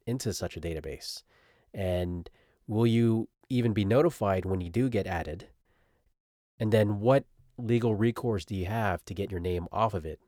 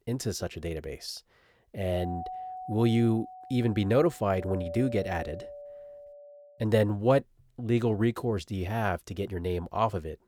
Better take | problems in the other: first | doorbell; noticeable; from 2 to 6.5 s; peak 9 dB below the speech

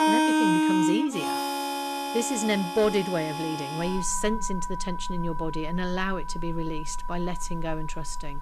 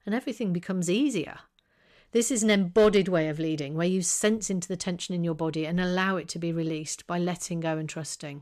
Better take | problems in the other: second | background music; very loud; throughout; as loud as the speech

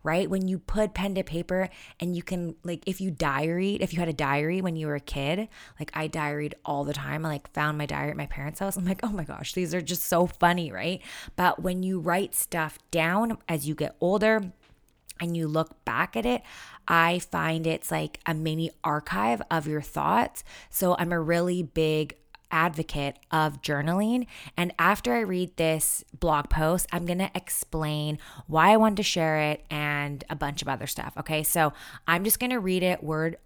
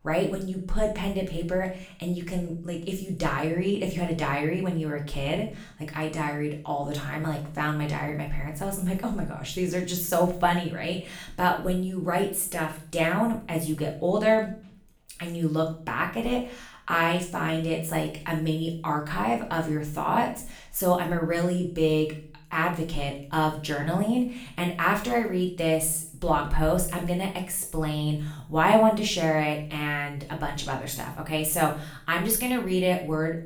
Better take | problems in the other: first | room echo; slight; dies away in 0.5 s // off-mic speech; far

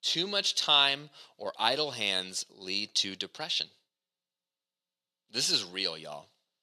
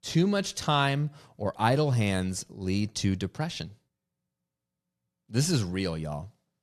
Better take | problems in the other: second | thin; somewhat; fading below 400 Hz

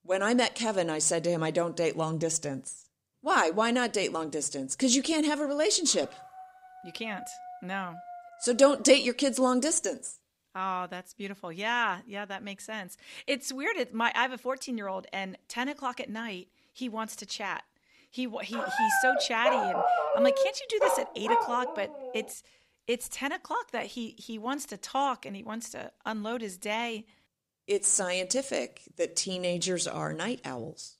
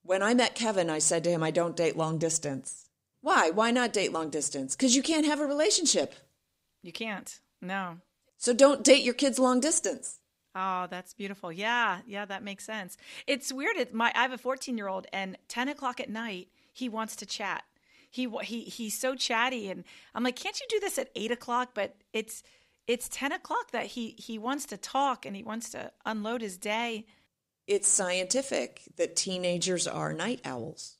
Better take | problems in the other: second | dog barking; faint; from 6 to 9 s; peak 15 dB below the speech // dog barking; loud; from 19 to 22 s; peak 5 dB above the speech

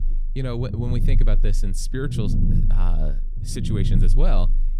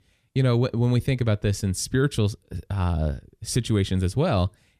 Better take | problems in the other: second | low rumble; loud; throughout; 5 dB below the speech

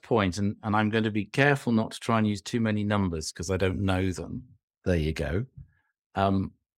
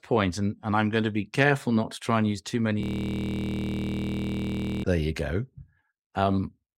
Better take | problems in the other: first | audio freezing; at 3 s for 2 s

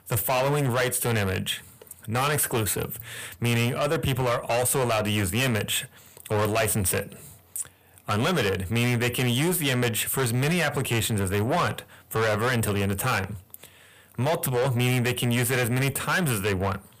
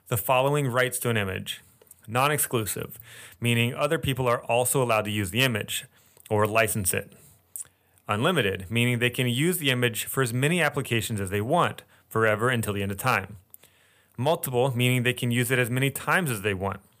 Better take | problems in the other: second | distortion; heavy; 6 dB below the speech

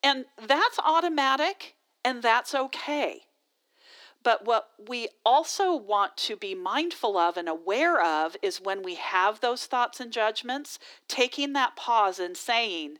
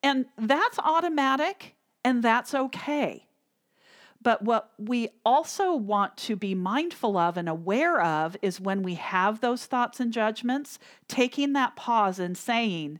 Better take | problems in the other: second | thin; somewhat; fading below 300 Hz

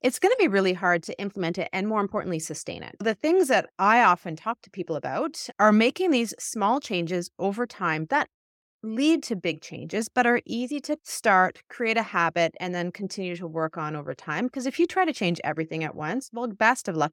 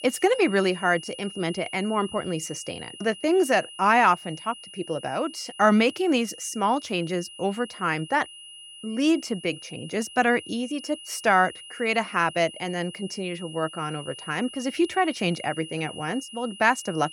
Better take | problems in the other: first | high-pitched whine; noticeable; throughout; 3 kHz, 15 dB below the speech

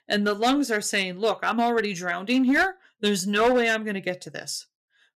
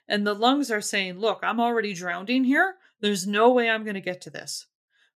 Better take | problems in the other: second | distortion; slight; 5% of the sound clipped

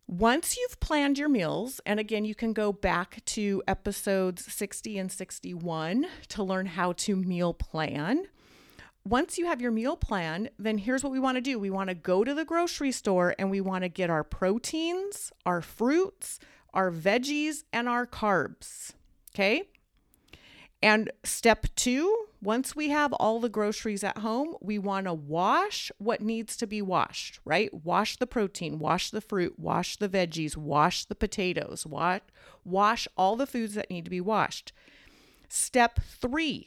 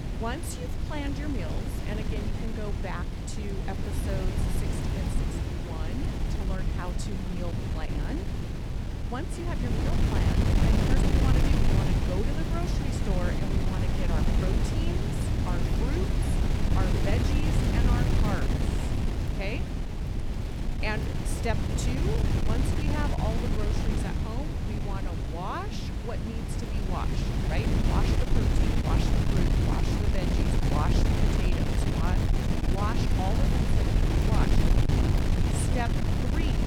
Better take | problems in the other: first | wind noise on the microphone; heavy; 2 dB above the speech

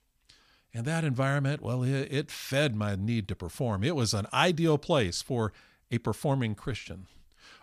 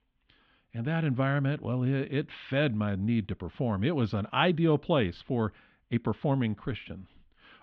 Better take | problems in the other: first | muffled; very; fading above 3.5 kHz

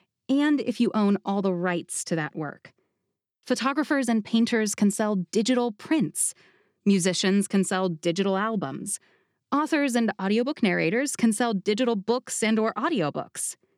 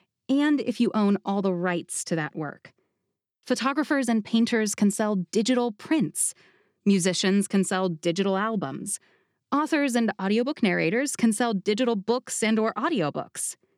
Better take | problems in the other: neither | none

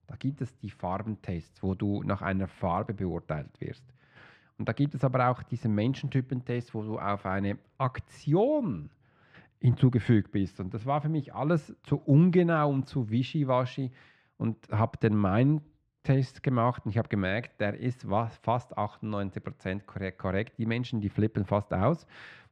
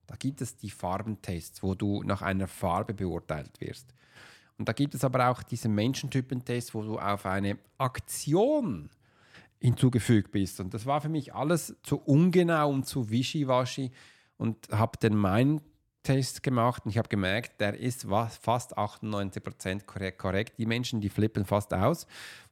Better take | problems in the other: second | muffled; slightly; fading above 2.5 kHz

